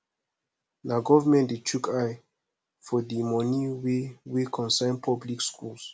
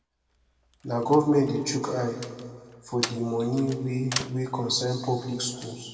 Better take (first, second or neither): first